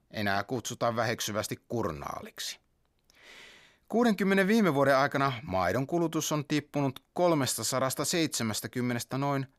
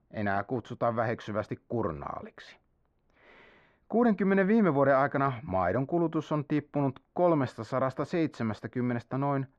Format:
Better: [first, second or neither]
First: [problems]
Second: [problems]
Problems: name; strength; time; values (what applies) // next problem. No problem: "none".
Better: first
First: none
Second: muffled; very; fading above 1.5 kHz